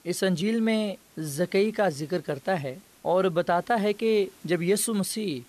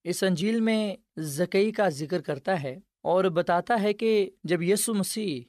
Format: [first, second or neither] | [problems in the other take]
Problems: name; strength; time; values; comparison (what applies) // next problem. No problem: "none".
second | hiss; faint; throughout; 30 dB below the speech